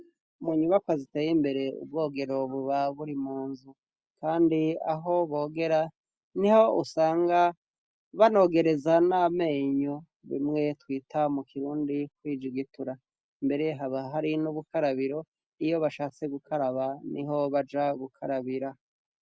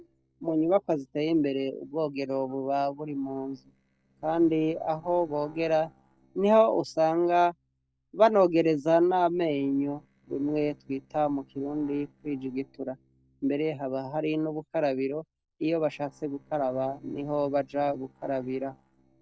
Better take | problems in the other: first | noise reduction (neural separator model SepFormer DNS4)

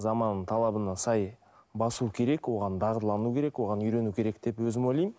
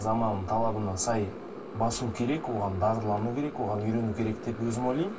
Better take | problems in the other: first | background sound (Motorcycle); 12 dB below the speech // room echo; dies away in 0.1 s

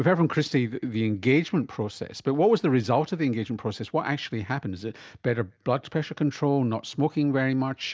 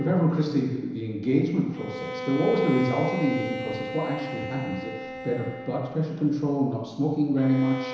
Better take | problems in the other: first | background sound (Bowed string instrument); 9 dB below the speech // room echo; dies away in 1 s

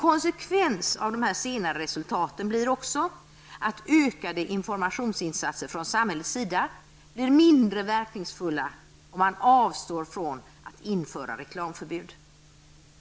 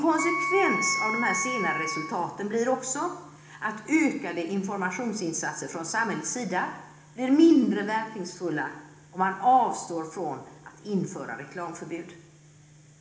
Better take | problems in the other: first | background sound (Wind instrument, woodwind instrument); 2 dB below the speech // room echo; dies away in 1 s

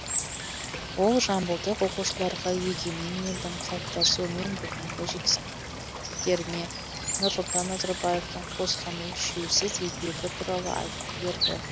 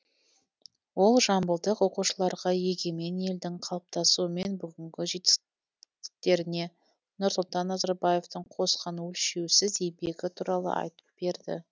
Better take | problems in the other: second | background sound (Water / Bird); 3 dB below the speech

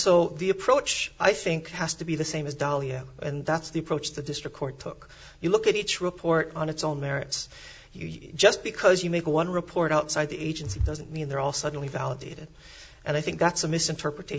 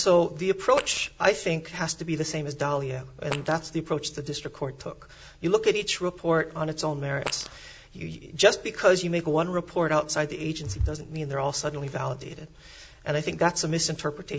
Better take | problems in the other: first | background sound (Fart); 9 dB below the speech

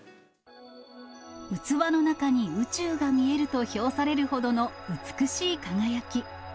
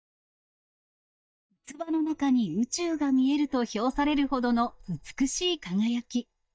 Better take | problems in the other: first | noise reduction (neural mask model DeepFilterNet 3)

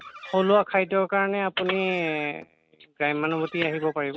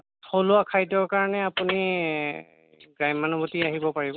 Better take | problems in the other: second | noise reduction (neural mask model RNNoise)

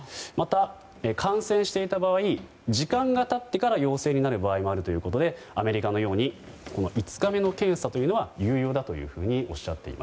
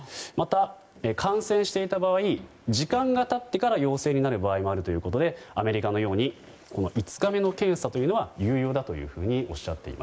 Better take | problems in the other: first | noise reduction (neural mask model Resemble Enhance denoiser)

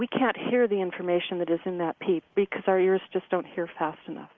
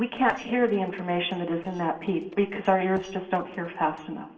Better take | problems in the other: first | noise reduction (neural separator model SepFormer DNS4)

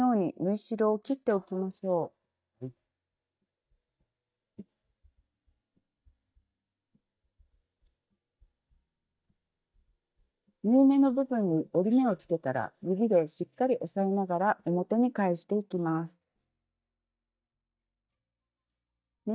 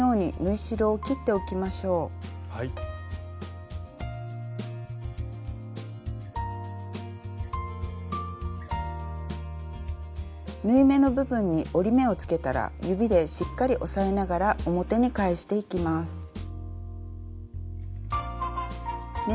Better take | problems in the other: second | noise reduction (neural mask model DeepFilterNet 3)

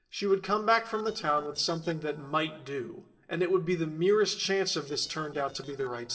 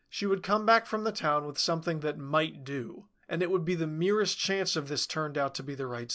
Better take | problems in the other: second | noise reduction (neural separator model SepFormer DNS4)

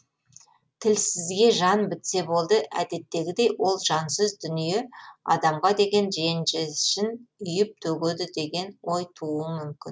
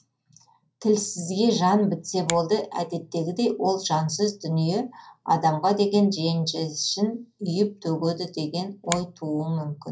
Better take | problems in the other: first | background sound (Finger snapping); 14 dB below the speech // room echo; dies away in 0.3 s

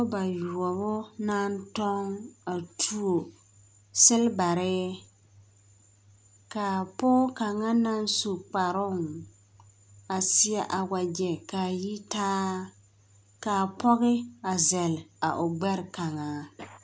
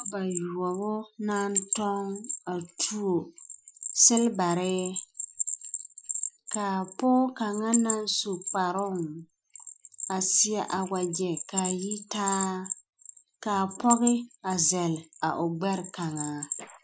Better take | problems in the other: first | noise reduction (classical method Wiener filter)

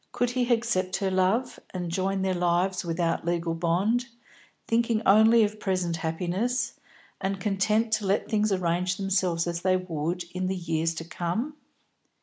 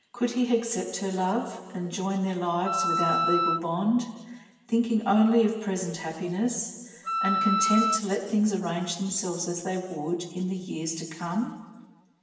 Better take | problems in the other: first | background sound (Wind instrument, woodwind instrument); 1 dB above the speech // room echo; dies away in 1.3 s

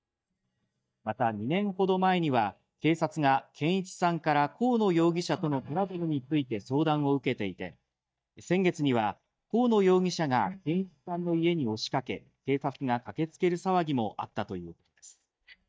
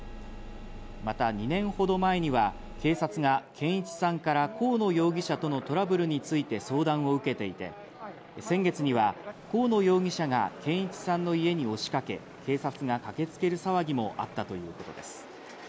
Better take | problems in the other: second | noise reduction (neural mask model DeepFilterNet 3)

